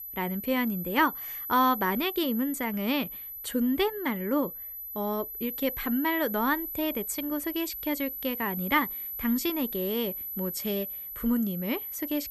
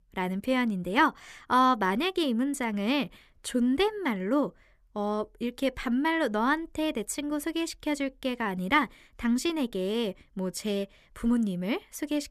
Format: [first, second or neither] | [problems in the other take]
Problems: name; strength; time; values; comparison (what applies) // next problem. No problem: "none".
second | high-pitched whine; loud; throughout; 12 kHz, 6 dB below the speech